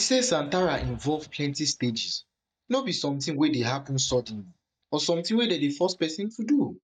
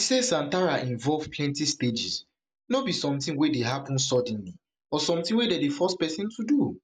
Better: second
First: noise reduction (neural mask model DeepFilterNet 3)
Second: none

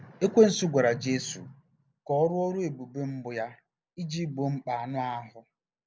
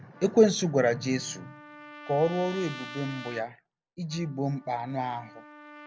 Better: first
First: none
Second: background sound (Trumpet); 17 dB below the speech

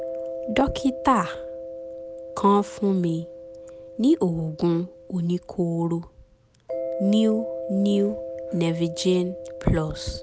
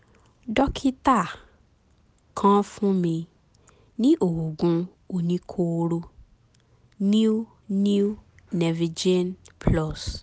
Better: second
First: background sound (Mallet percussion); 10 dB below the speech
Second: none

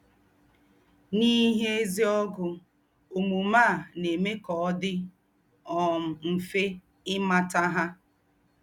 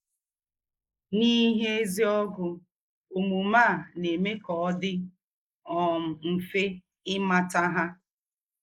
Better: first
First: none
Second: noise reduction (neural mask model Resemble Enhance denoiser)

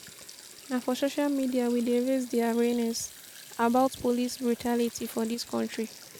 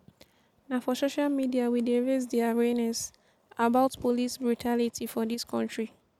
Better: second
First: background sound (Sink (filling or washing)); 19 dB below the speech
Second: none

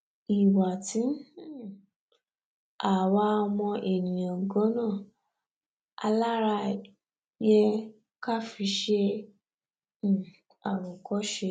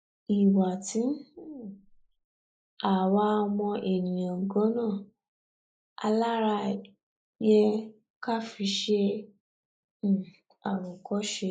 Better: first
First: none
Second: noise reduction (neural mask model Resemble Enhance denoiser)

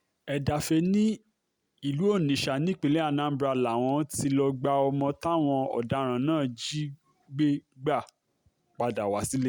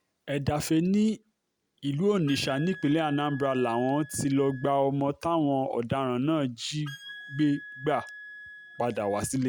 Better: first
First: none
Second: background sound (Wind instrument, woodwind instrument); 18 dB below the speech

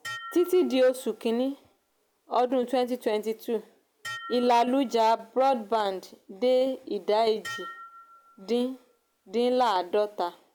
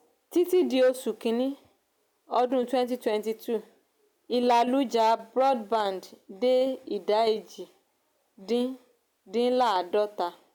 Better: second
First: background sound (Dishes, pots, and pans); 19 dB below the speech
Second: none

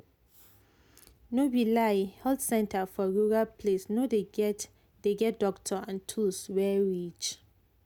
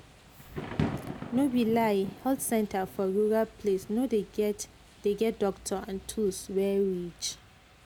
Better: first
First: none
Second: background sound (Thunder / Rain); 12 dB below the speech

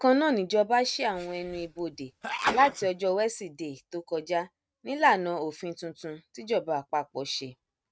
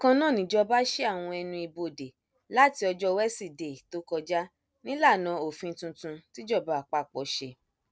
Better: second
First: noise reduction (neural mask model RNNoise)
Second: none

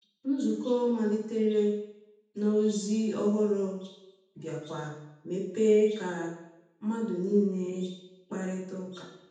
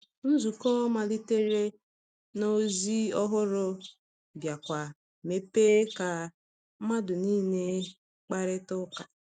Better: second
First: room echo; dies away in 0.8 s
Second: none

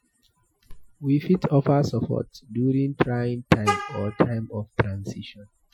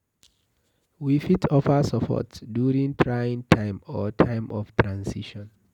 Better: second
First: noise reduction (classical method Wiener filter)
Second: none

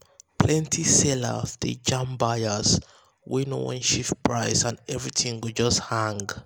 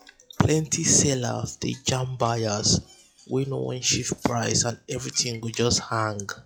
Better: first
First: none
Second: noise reduction (classical method log-MMSE)

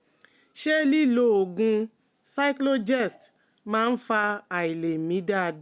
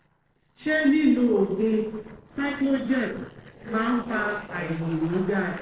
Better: first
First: none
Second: noise reduction (neural separator model SepFormer DNS4)

